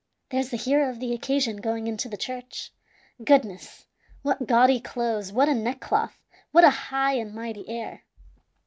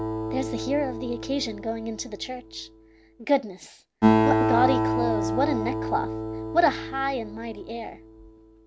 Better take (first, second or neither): first